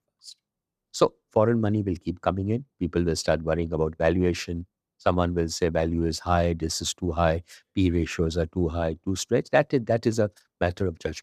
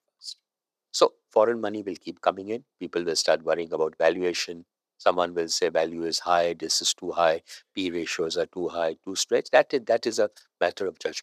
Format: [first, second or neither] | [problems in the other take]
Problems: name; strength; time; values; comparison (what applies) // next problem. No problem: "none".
first | thin; somewhat; fading below 500 Hz